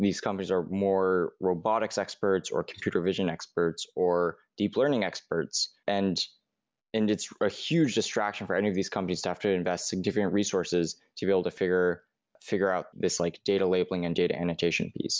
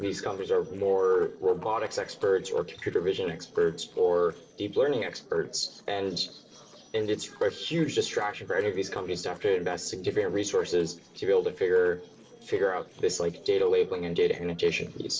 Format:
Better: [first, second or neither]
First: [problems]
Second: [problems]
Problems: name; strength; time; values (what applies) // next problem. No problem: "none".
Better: first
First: none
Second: noise reduction (neural separator model SepFormer DNS4)